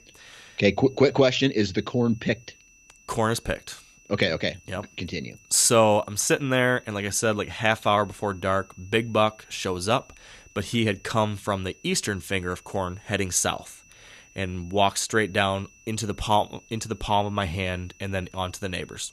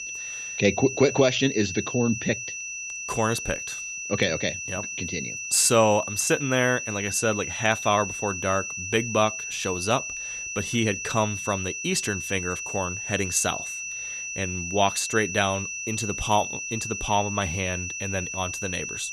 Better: first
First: high-pitched whine; faint; throughout; 2.5 kHz, 30 dB below the speech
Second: high-pitched whine; loud; throughout; 2.5 kHz, 5 dB below the speech

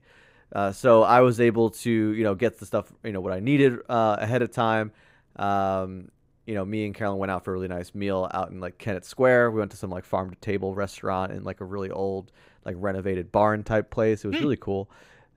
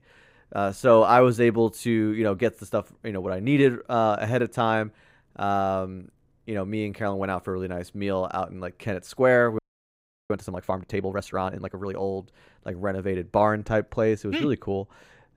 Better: first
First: none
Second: audio freezing; at 9.5 s for 0.5 s

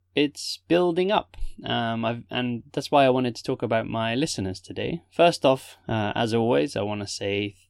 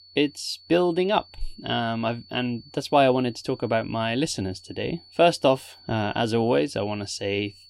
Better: first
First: none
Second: high-pitched whine; faint; throughout; 4.5 kHz, 25 dB below the speech

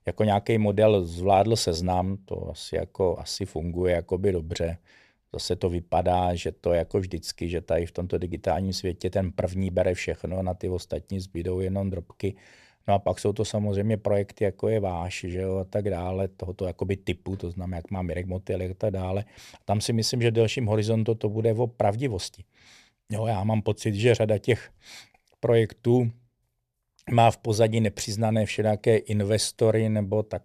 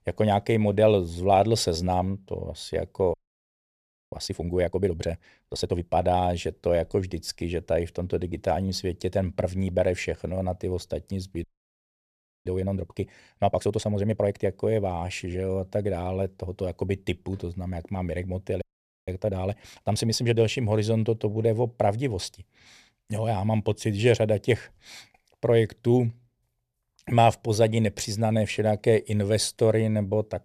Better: first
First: none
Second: audio freezing; at 3 s for 1 s, at 11 s for 1 s and at 19 s

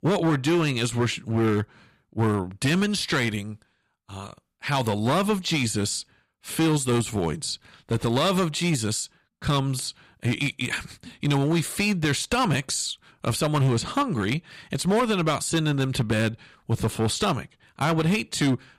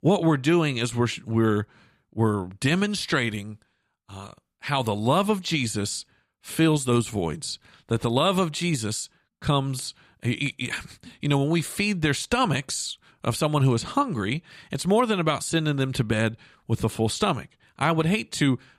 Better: second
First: distortion; slight; 8% of the sound clipped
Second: none

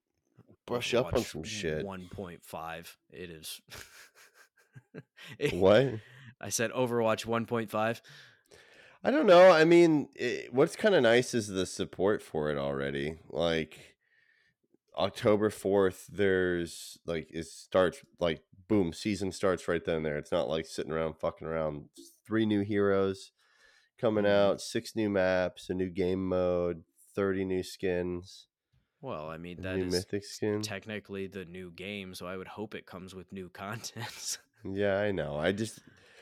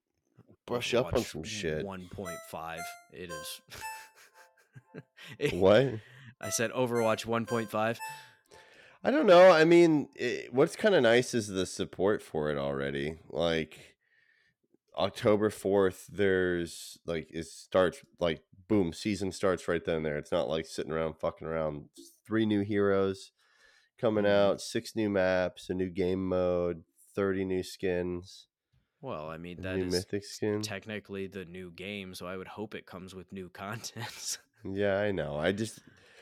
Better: first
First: none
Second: phone ringing; faint; from 2.5 to 8.5 s; peak 15 dB below the speech

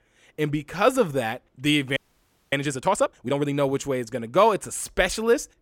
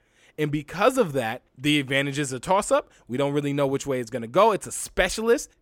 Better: second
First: audio freezing; at 2 s for 0.5 s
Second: none

